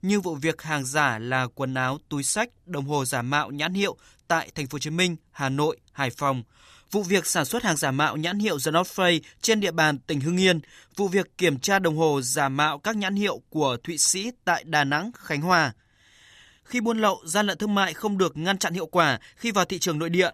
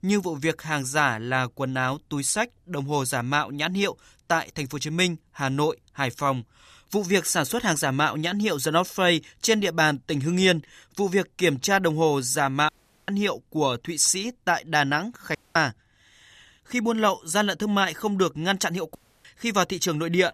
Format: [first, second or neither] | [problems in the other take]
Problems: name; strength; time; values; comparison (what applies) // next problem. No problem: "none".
first | audio cutting out; at 13 s, at 15 s and at 19 s